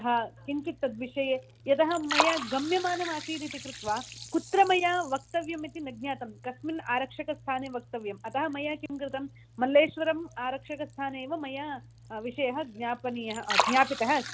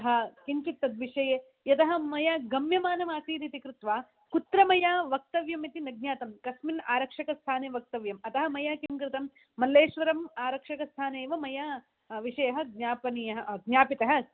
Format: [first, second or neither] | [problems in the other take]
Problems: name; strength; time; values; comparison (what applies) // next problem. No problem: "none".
second | background sound (Liquid); 8 dB below the speech